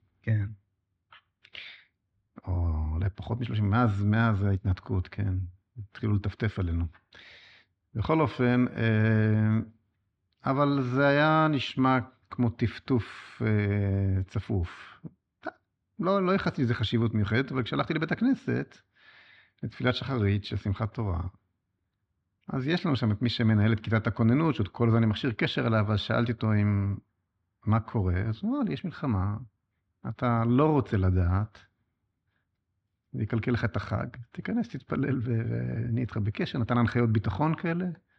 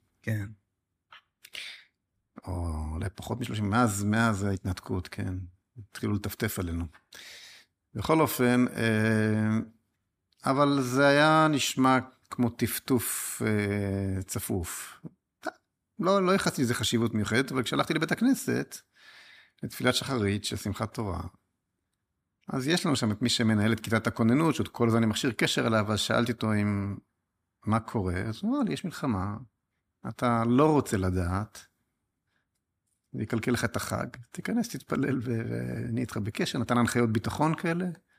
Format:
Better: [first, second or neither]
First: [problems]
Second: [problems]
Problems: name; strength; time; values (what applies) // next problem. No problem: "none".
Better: second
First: muffled; slightly; fading above 4 kHz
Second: none